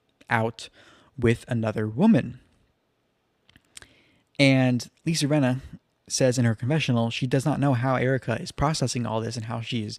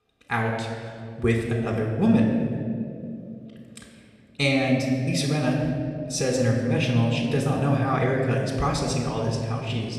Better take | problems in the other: first | off-mic speech; somewhat distant // room echo; noticeable; dies away in 2 s

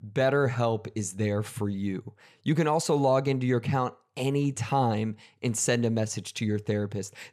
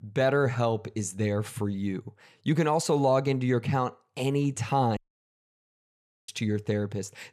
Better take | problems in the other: first | audio cutting out; at 5 s for 1.5 s

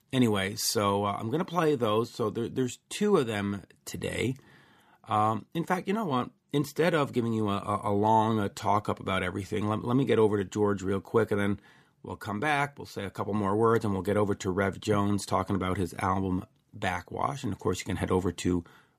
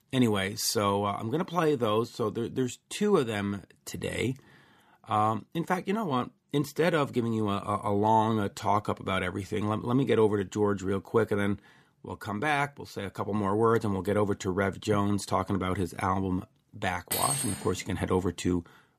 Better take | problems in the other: first | clattering dishes; loud; at 17 s; peak 1 dB above the speech

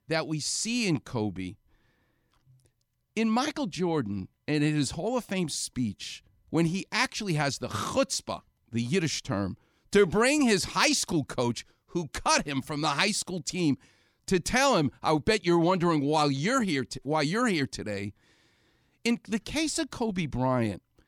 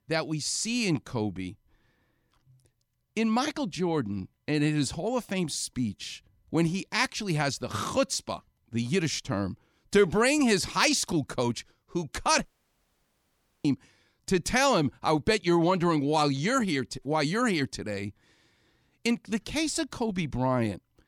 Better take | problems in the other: first | audio cutting out; at 12 s for 1 s

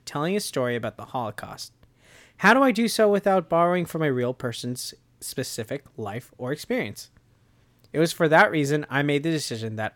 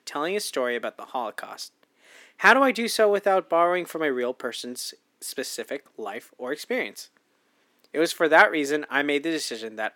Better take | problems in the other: first | thin; very slightly; fading below 250 Hz

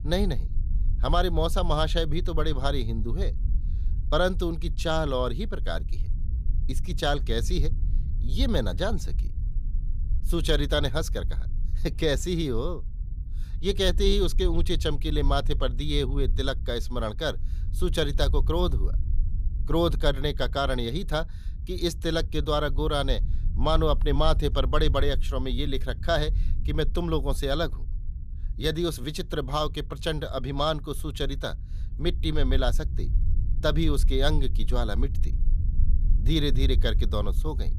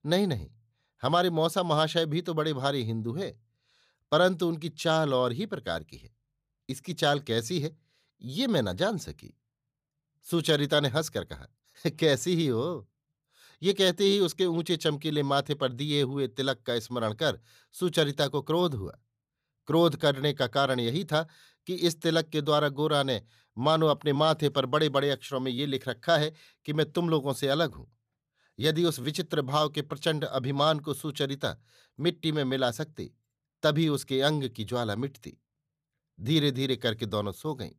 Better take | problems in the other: second | low rumble; faint; throughout; 20 dB below the speech

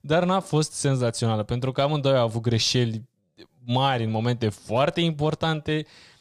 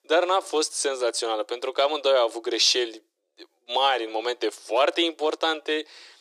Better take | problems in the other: first | thin; very; fading below 350 Hz

